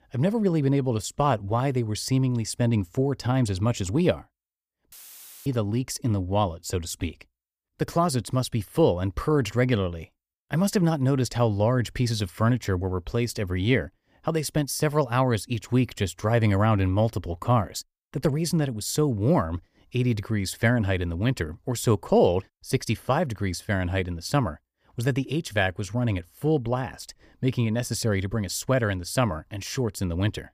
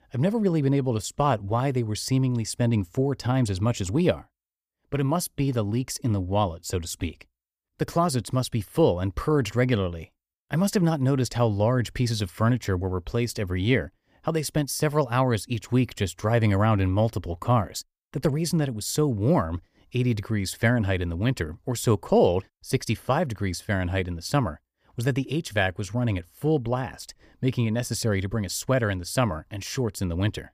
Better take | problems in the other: second | audio cutting out; filled with static; at 5 s for 0.5 s

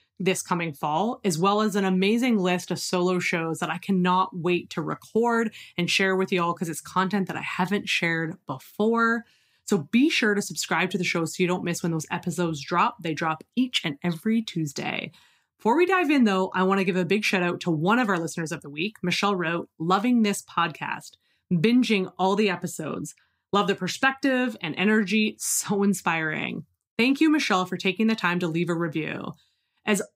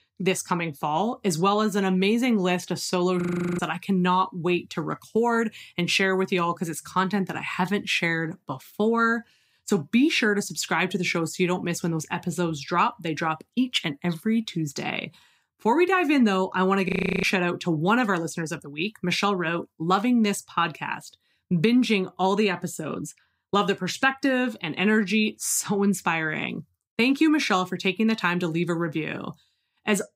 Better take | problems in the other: first | audio freezing; at 3 s and at 17 s

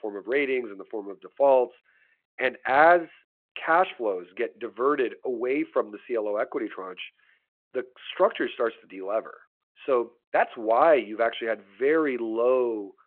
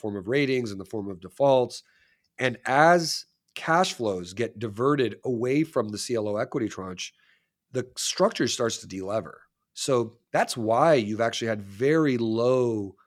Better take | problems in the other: second | phone-call audio

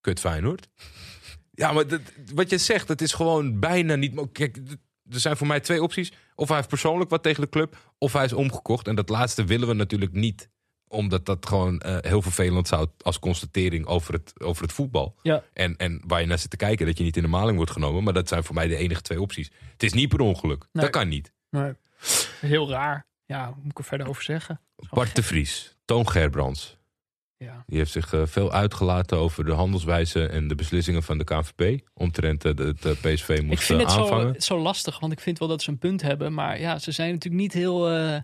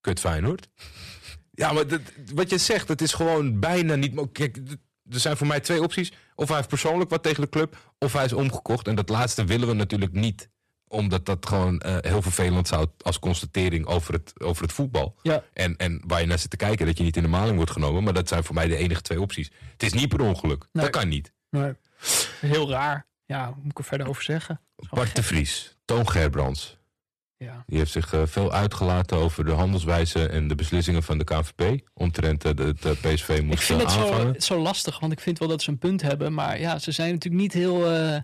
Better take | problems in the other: first | distortion; slight; 7% of the sound clipped

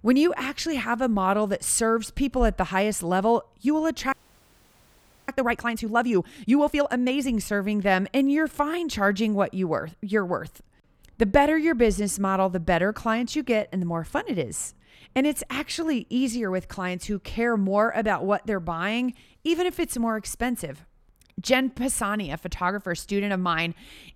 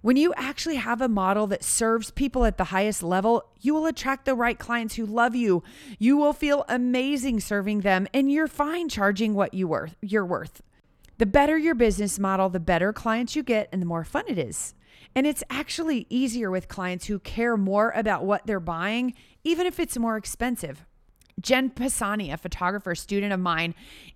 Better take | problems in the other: second | audio freezing; at 4 s for 1 s

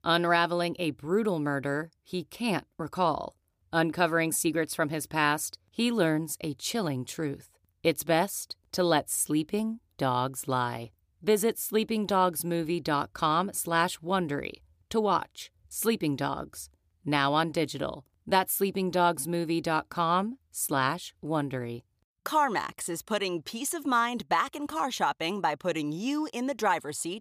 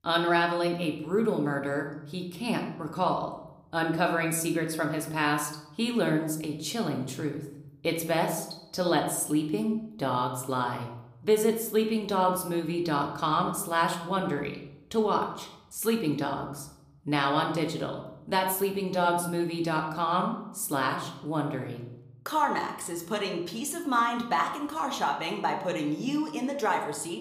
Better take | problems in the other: first | room echo; slight; dies away in 0.7 s

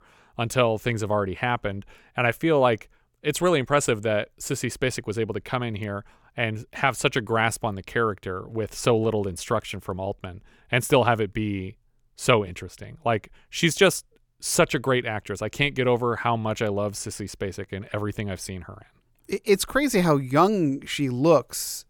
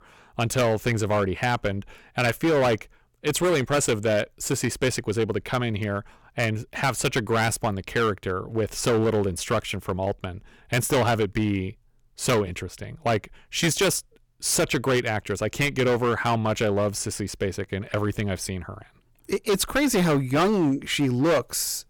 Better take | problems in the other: first | distortion; heavy; 9% of the sound clipped

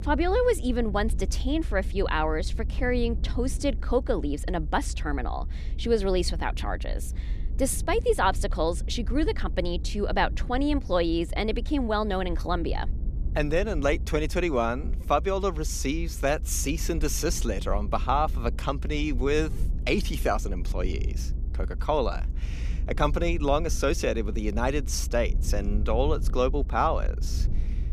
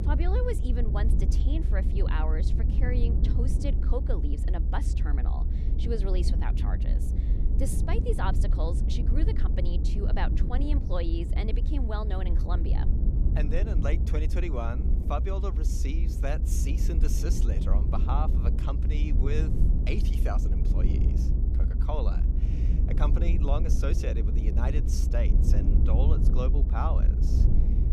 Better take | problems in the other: first | low rumble; loud; throughout; 5 dB below the speech; faint in the first

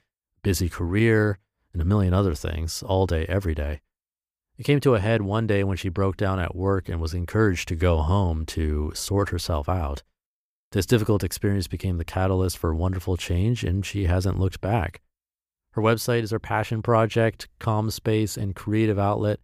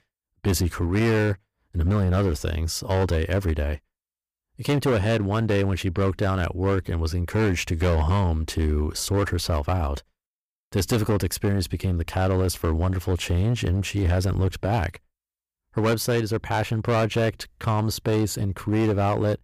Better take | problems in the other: first | distortion; slight; 11% of the sound clipped

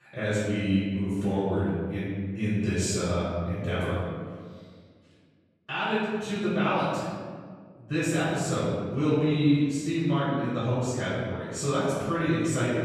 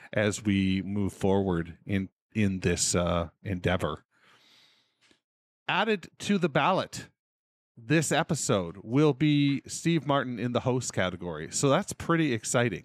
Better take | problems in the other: second | off-mic speech; far // room echo; strong; dies away in 1.7 s

